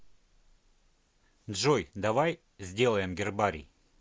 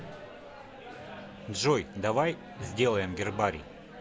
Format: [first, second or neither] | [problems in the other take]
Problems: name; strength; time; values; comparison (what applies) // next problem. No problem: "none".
first | background sound (Microwave oven); 13 dB below the speech